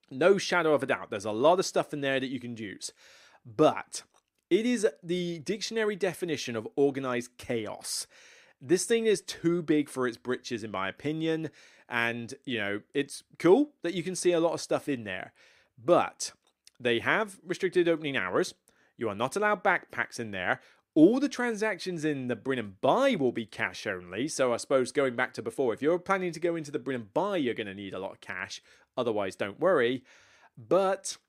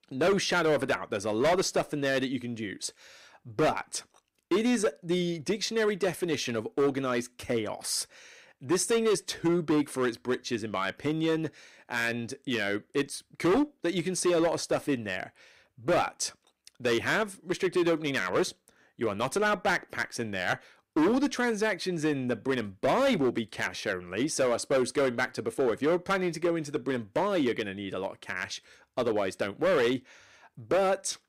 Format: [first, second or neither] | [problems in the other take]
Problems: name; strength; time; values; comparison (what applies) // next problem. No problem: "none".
first | distortion; heavy; 8% of the sound clipped